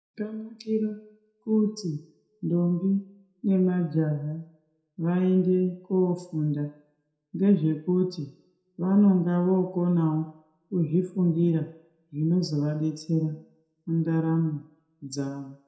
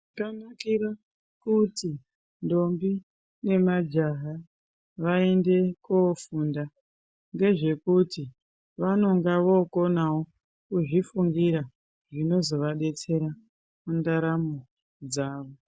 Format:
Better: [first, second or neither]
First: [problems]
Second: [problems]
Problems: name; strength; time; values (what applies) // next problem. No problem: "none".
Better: second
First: room echo; dies away in 0.5 s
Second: none